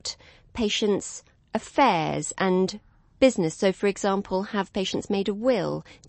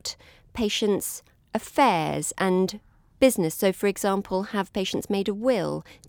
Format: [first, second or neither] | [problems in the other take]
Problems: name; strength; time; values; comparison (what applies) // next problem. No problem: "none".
second | garbled, watery; slightly; nothing above 8 kHz